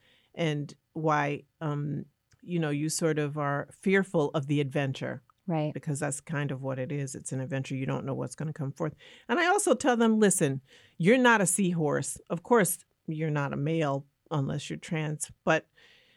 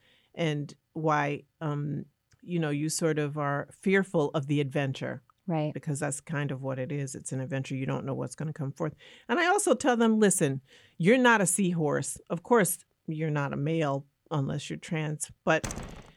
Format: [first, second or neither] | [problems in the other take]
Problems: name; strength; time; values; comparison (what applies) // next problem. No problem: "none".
first | door banging; noticeable; at 16 s; peak 9 dB below the speech